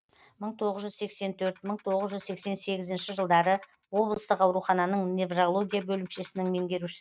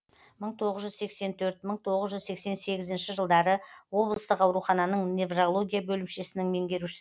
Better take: second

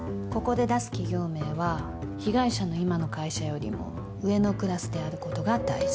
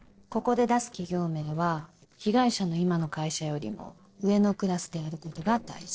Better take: first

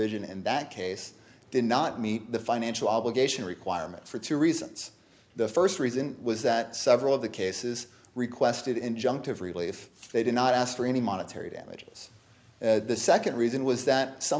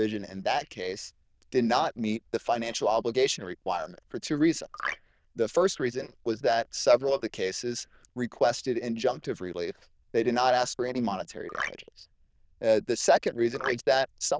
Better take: first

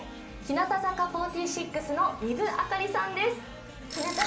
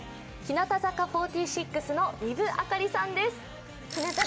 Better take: second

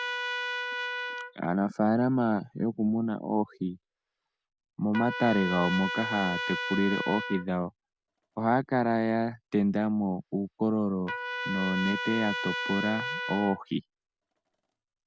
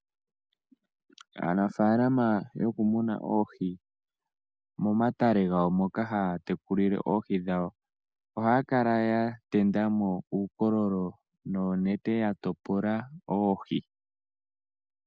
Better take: second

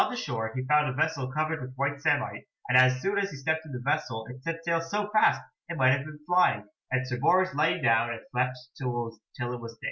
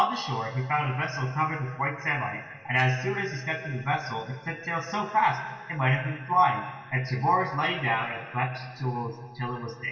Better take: first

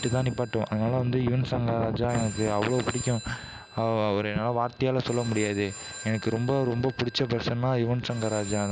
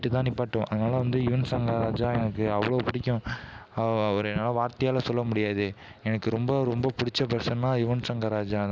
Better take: second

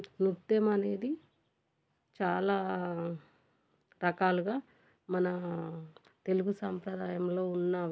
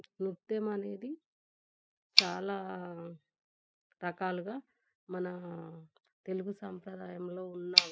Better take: first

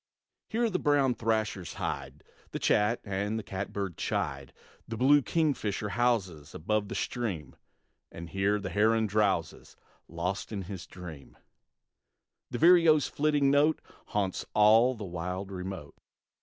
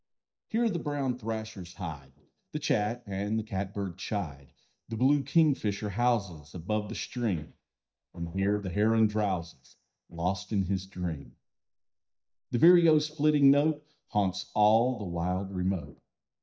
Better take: first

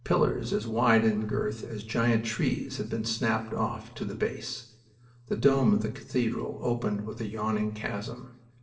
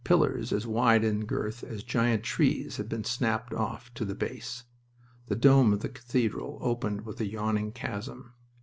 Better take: second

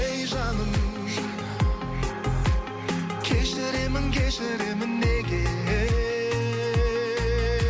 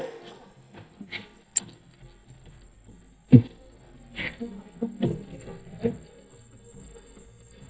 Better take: first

